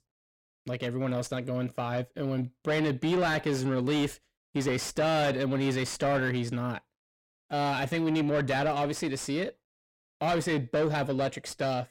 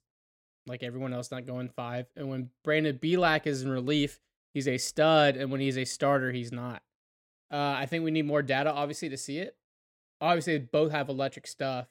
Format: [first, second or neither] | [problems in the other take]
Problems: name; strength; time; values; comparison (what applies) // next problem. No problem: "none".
second | distortion; heavy; 7 dB below the speech